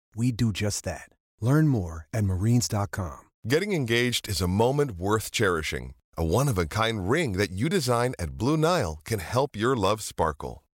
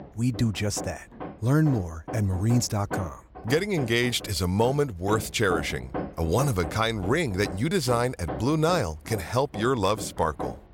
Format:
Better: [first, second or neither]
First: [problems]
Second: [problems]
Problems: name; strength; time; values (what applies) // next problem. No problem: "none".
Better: first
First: none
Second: machinery noise; noticeable; throughout; 10 dB below the speech